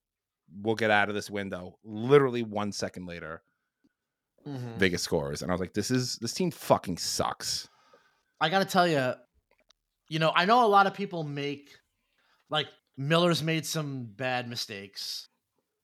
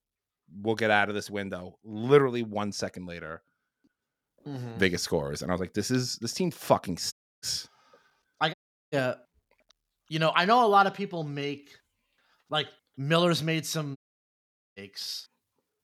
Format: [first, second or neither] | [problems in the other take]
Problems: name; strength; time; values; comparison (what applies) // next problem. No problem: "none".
first | audio cutting out; at 7 s, at 8.5 s and at 14 s for 1 s